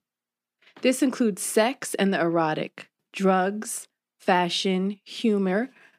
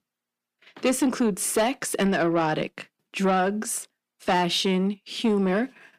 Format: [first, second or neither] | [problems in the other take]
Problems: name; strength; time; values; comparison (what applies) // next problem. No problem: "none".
first | distortion; slight; 10 dB below the speech